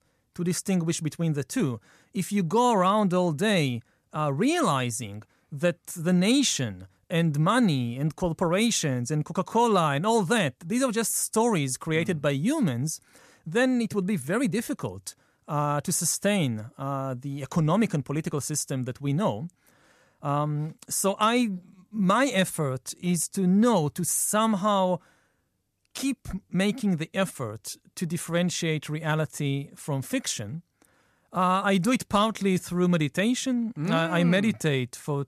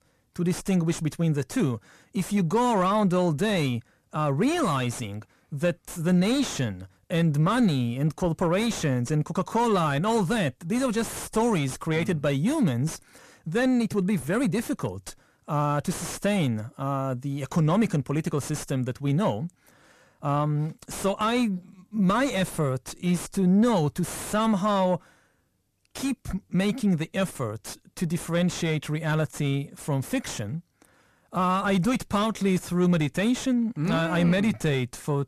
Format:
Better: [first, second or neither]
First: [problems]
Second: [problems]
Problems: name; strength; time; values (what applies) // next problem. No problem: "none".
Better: first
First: none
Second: distortion; slight; 9 dB below the speech